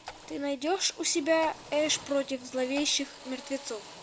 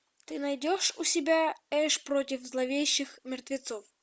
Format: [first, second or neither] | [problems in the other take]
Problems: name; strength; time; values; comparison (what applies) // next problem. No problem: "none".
second | background sound (Raindrop / Splash, splatter + Drill); 16 dB below the speech